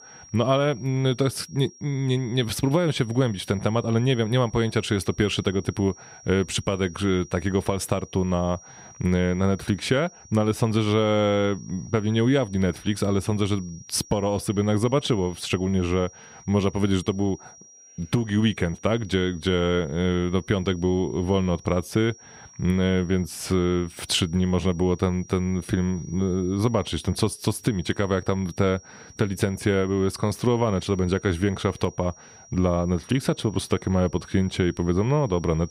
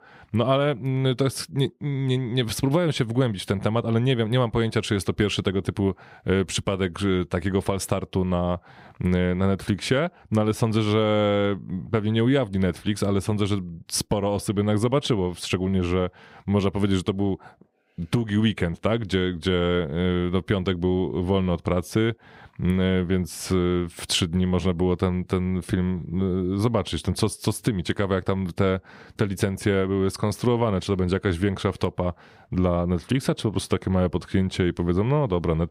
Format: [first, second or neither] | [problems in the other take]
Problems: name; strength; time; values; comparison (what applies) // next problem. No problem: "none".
second | high-pitched whine; faint; throughout; 5.5 kHz, 20 dB below the speech